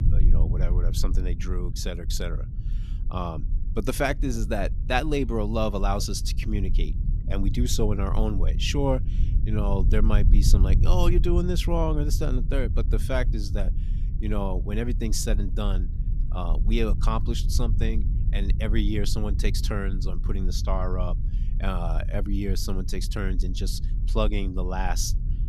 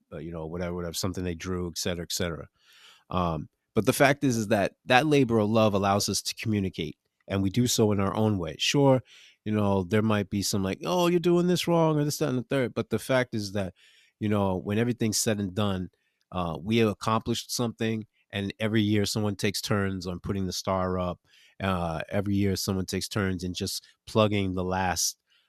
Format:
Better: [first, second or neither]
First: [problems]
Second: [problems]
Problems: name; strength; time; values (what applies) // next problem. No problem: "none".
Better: second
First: low rumble; noticeable; throughout; 15 dB below the speech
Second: none